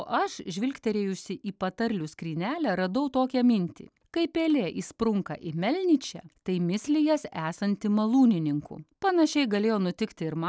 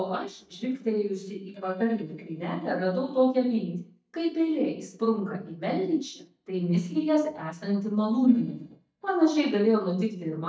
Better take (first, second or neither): first